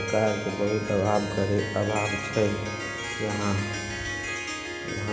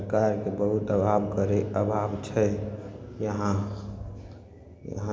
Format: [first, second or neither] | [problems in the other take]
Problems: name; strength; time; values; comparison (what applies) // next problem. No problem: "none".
second | background sound (Harp); 6 dB below the speech